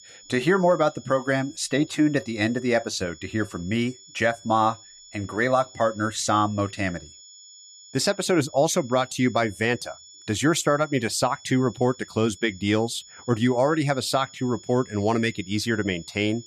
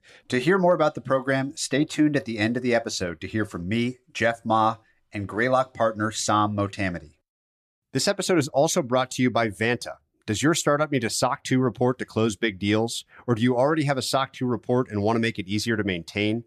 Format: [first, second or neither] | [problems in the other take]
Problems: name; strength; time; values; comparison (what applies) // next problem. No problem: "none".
second | high-pitched whine; faint; throughout; 7 kHz, 20 dB below the speech